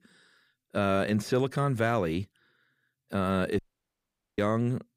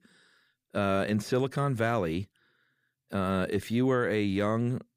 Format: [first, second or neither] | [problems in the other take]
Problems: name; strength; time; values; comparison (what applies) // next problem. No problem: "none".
second | audio cutting out; at 3.5 s for 1 s